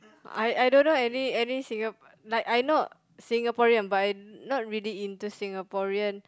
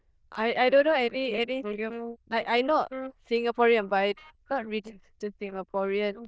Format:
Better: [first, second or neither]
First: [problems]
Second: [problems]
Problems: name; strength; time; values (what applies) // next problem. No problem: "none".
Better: first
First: none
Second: noise reduction (neural diffusion model UNIVERSE++)